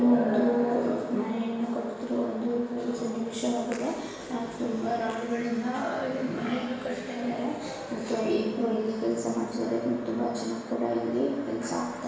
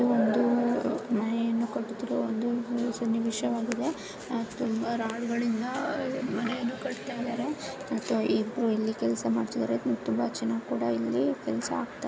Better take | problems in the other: second | room echo; dies away in 0.9 s

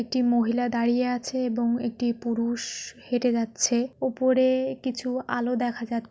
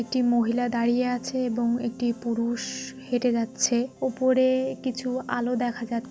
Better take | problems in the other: first | background sound (Piano); 18 dB below the speech

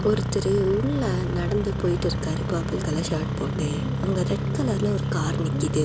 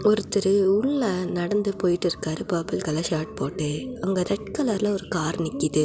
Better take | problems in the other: second | background sound (Engine starting); as loud as the speech

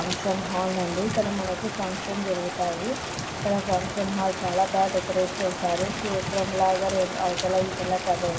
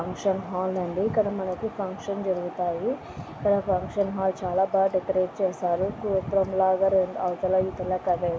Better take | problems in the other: second | background sound (Rain); 7 dB below the speech // room echo; dies away in 2 s

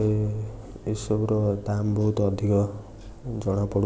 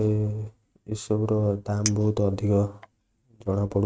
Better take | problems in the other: first | noise reduction (neural mask model RNNoise)

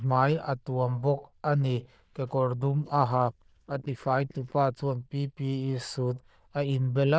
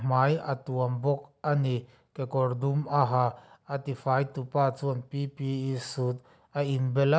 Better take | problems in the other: second | noise reduction (neural diffusion model UNIVERSE++)

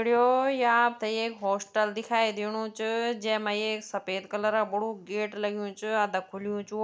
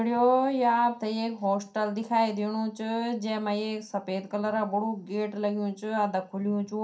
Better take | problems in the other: first | room echo; dies away in 0.3 s

